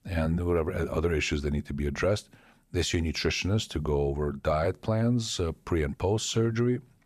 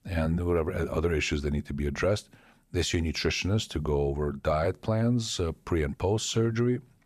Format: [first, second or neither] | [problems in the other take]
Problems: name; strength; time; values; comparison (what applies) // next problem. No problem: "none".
neither | none